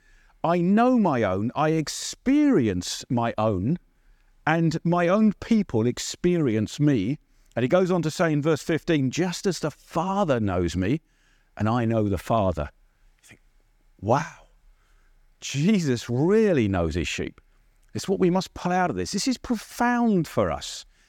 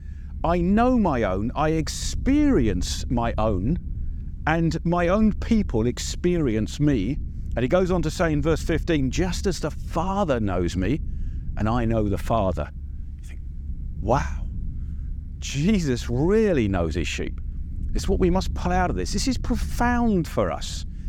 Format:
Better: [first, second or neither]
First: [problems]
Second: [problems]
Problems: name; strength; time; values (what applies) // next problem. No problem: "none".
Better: first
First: none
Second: low rumble; faint; throughout; 25 dB below the speech